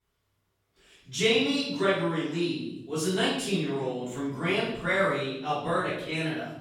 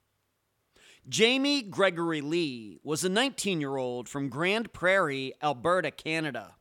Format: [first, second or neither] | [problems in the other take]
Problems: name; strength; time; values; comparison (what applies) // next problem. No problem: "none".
second | off-mic speech; far // room echo; strong; dies away in 0.8 s